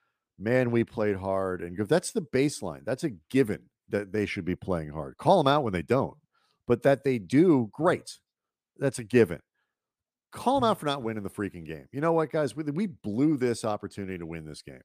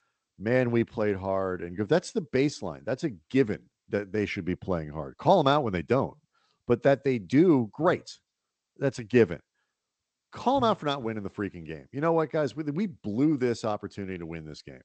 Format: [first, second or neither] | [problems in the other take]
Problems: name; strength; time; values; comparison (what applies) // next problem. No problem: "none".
first | garbled, watery; slightly; nothing above 8 kHz